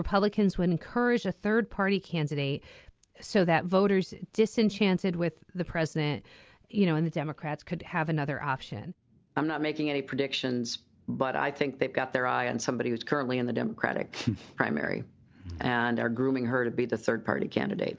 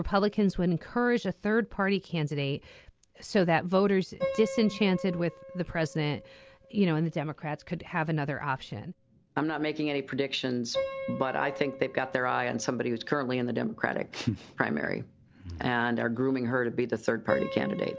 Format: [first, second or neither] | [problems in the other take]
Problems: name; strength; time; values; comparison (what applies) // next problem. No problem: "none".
first | background sound (Piano); 13 dB below the speech